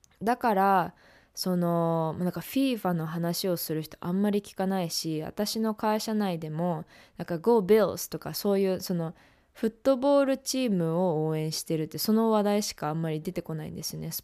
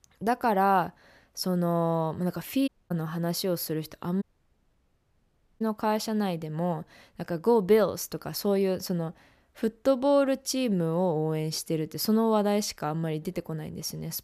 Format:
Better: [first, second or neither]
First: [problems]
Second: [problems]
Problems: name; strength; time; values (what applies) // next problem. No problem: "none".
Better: first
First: none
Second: audio cutting out; at 2.5 s and at 4 s for 1.5 s